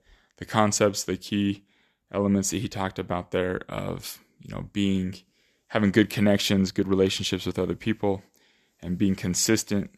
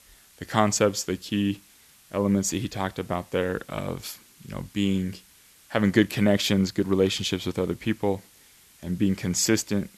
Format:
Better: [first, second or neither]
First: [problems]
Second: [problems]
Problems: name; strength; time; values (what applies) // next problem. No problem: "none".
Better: first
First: none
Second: hiss; faint; throughout; 25 dB below the speech